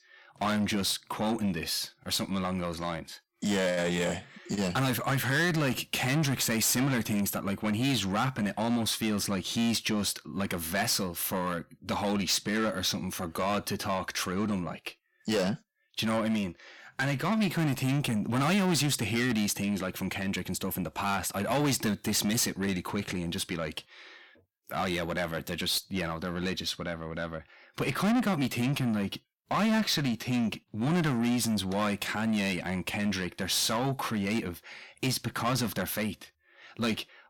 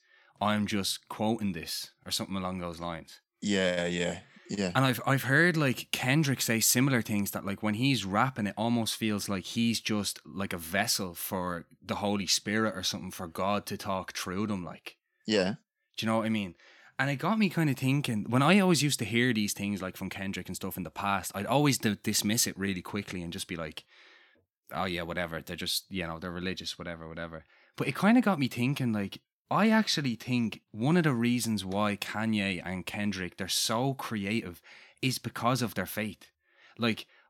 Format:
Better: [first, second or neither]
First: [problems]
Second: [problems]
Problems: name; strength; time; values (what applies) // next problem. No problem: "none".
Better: second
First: distortion; heavy; 7 dB below the speech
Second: none